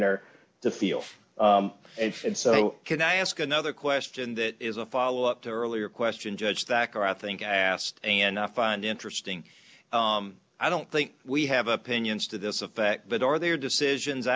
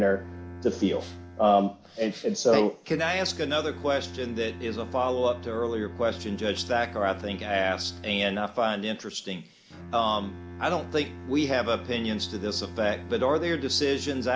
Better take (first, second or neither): first